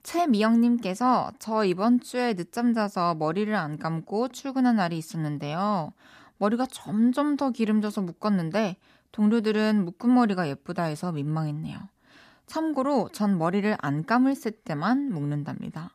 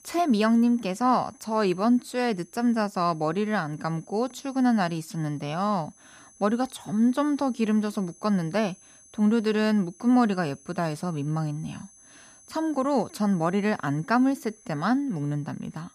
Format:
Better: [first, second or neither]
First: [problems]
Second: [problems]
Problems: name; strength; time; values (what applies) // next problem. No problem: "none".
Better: first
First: none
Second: high-pitched whine; faint; throughout; 6.5 kHz, 25 dB below the speech